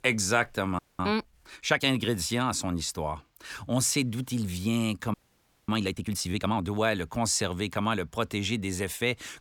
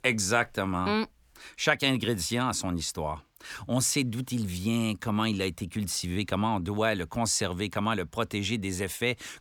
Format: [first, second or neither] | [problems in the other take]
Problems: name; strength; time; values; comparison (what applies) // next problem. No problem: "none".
second | audio freezing; at 1 s and at 5 s for 0.5 s